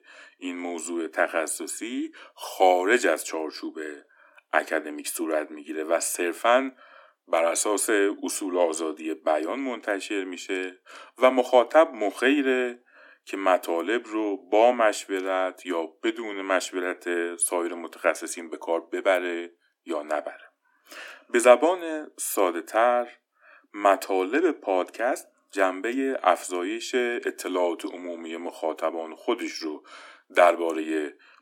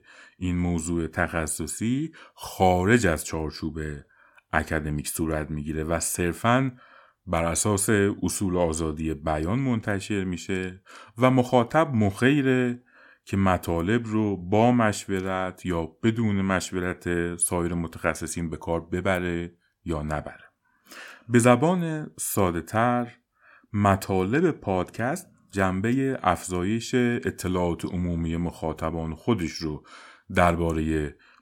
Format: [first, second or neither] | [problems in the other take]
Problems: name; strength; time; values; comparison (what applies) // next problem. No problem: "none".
second | thin; somewhat; fading below 250 Hz